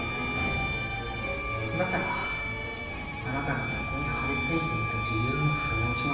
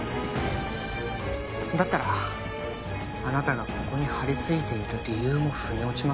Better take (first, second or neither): second